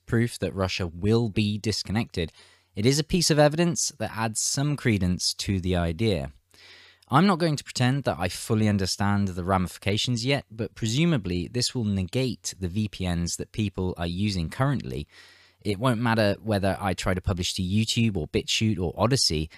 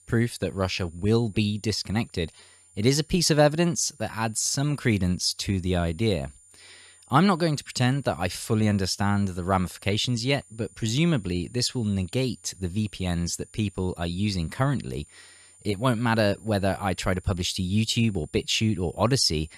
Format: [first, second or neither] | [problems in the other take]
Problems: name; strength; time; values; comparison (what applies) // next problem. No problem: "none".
first | high-pitched whine; faint; throughout; 9 kHz, 25 dB below the speech